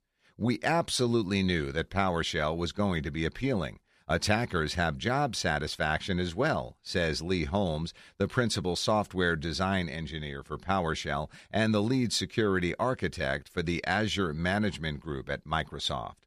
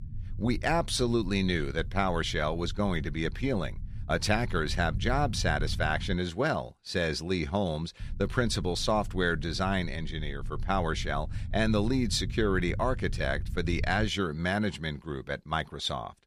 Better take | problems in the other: first | low rumble; faint; until 6 s and from 8 to 14 s; 25 dB below the speech

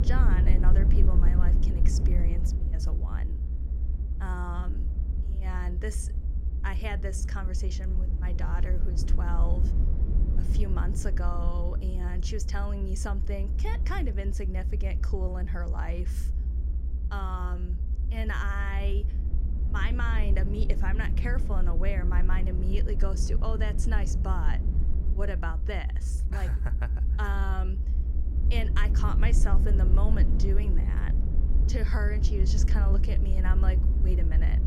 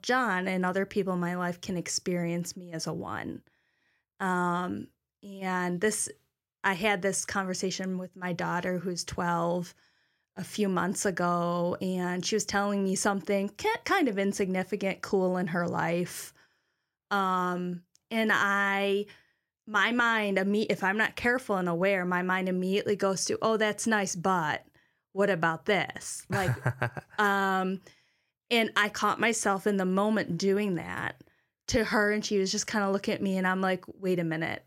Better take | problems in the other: second | low rumble; loud; throughout; 7 dB below the speech

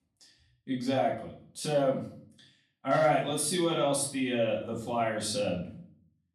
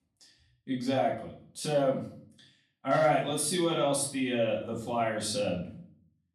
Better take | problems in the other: neither | room echo; slight; dies away in 0.5 s; the same in both // off-mic speech; far; the same in both

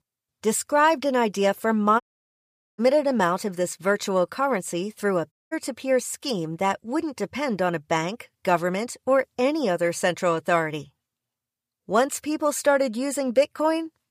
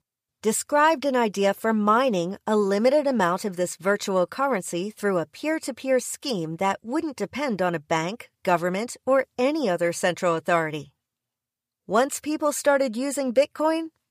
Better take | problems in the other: second | audio cutting out; at 2 s for 1 s and at 5.5 s

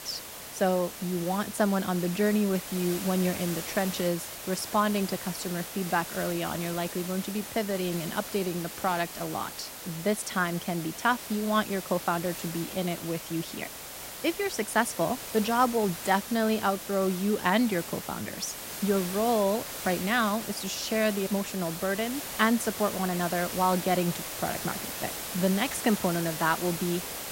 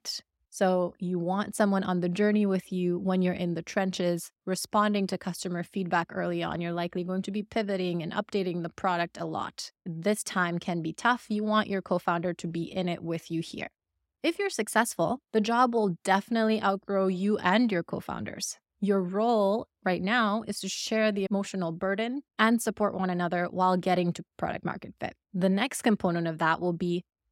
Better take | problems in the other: second | hiss; loud; throughout; 7 dB below the speech

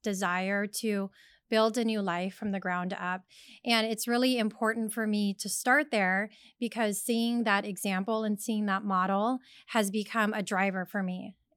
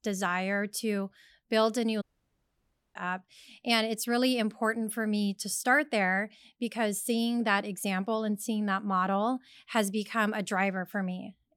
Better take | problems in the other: first | audio cutting out; at 2 s for 1 s

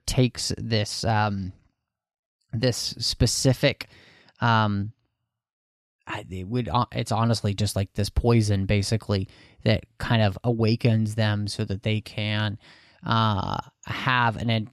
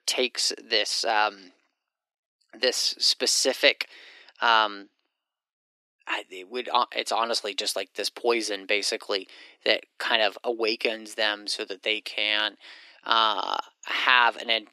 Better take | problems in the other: first | thin; very; fading below 350 Hz

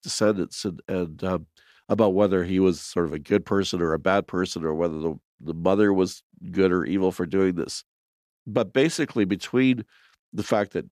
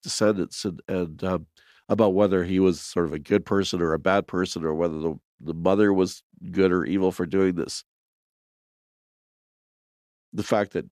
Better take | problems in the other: first | audio cutting out; at 8.5 s for 2 s

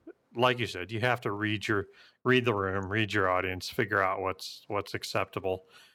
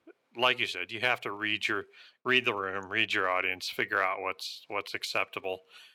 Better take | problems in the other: first | thin; somewhat; fading below 1 kHz

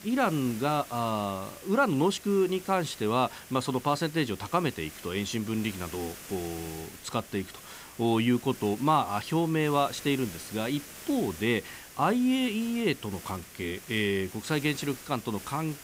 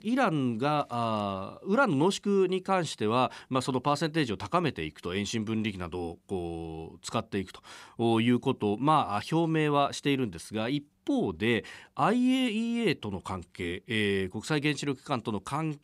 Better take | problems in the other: second | hiss; noticeable; throughout; 15 dB below the speech

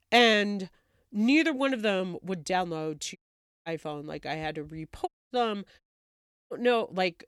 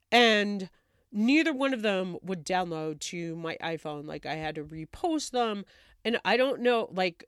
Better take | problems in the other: second | audio cutting out; at 3 s, at 5 s and at 6 s for 0.5 s

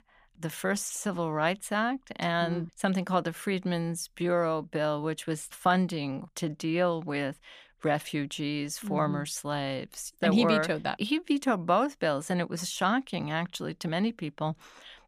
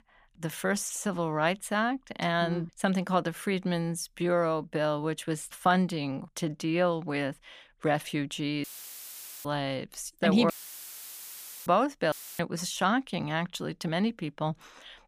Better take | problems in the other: first | audio cutting out; filled with static; at 8.5 s for 1 s, at 11 s for 1 s and at 12 s

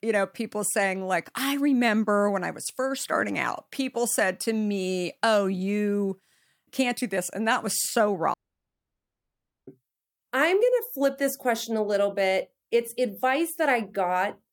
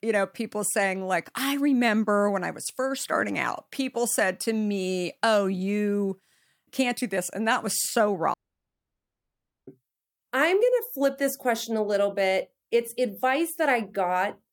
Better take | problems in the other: neither | audio cutting out; at 8.5 s for 1.5 s; the same in both

